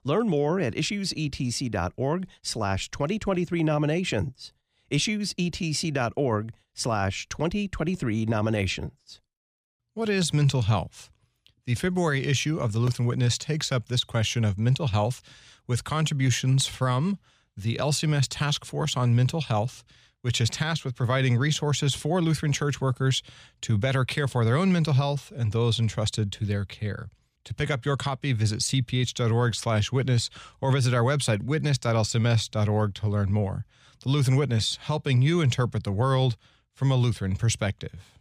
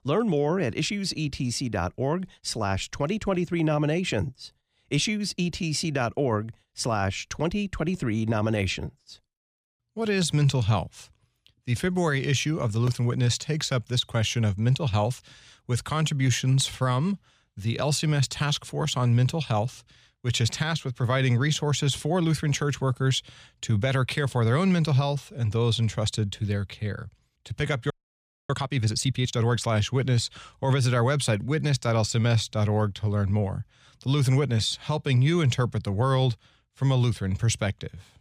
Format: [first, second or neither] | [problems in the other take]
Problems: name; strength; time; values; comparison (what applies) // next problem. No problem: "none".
first | audio freezing; at 28 s for 0.5 s